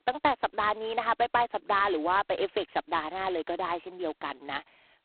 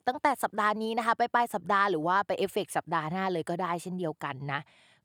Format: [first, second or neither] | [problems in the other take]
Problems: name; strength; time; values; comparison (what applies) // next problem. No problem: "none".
second | phone-call audio; poor line; nothing above 4 kHz